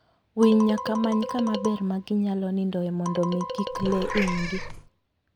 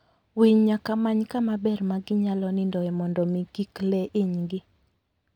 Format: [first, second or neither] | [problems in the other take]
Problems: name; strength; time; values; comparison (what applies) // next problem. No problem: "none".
second | background sound (Meow / Purr + Marimba, xylophone); 7 dB below the speech